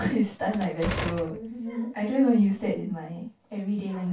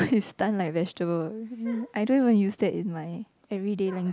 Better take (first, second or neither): second